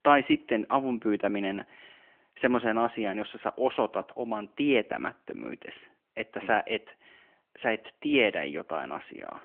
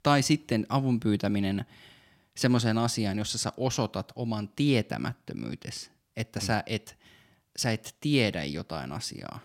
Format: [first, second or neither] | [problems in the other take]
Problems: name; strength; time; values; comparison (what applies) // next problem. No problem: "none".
second | phone-call audio; nothing above 3 kHz